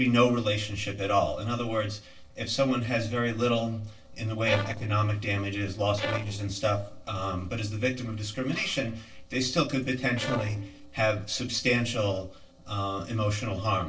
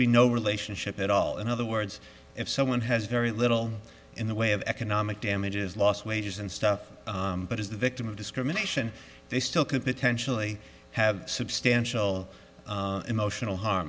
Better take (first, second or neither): second